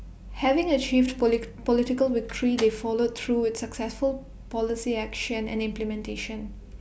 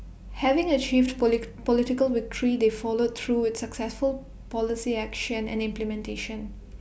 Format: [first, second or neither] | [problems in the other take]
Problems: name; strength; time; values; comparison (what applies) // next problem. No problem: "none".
second | background sound (Slam); 18 dB below the speech